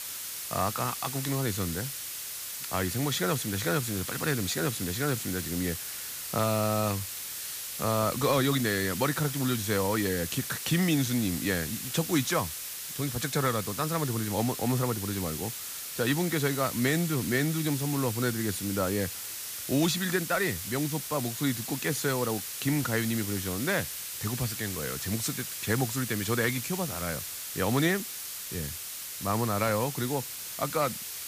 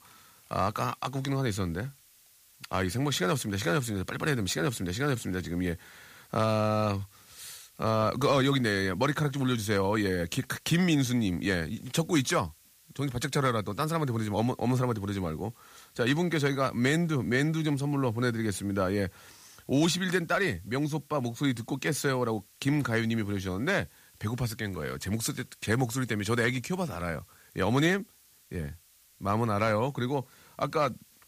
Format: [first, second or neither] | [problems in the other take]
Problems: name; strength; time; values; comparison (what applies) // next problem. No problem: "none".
second | hiss; loud; throughout; 5 dB below the speech; faint in the second